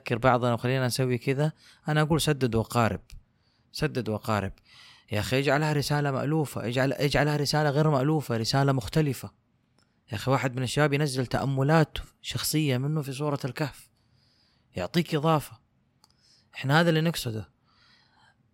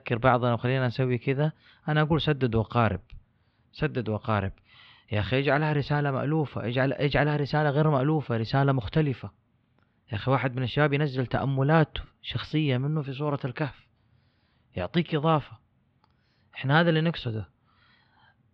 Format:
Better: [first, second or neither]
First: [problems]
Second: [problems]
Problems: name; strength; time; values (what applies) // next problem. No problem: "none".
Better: first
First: none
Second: muffled; slightly; fading above 3.5 kHz